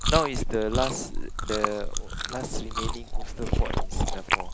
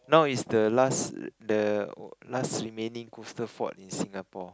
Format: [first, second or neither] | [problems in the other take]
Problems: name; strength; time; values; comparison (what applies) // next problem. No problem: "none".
second | noise reduction (neural mask model Resemble Enhance denoiser)